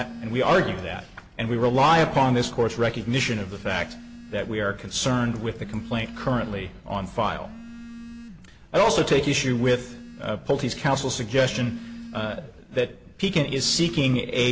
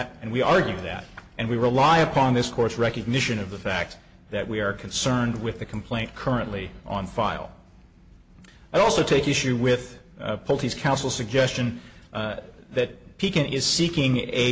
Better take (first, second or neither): second